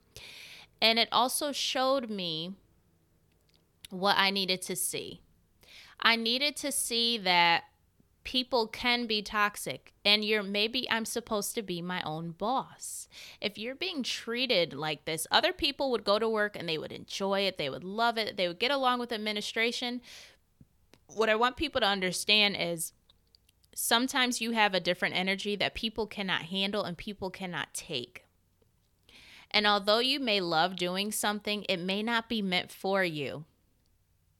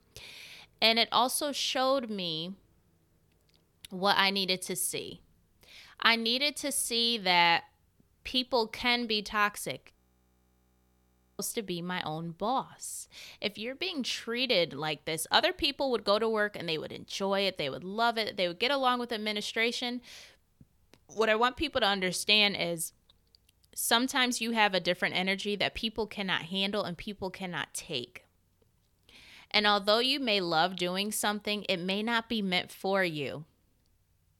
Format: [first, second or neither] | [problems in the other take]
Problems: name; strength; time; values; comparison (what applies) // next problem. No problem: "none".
first | audio freezing; at 10 s for 1.5 s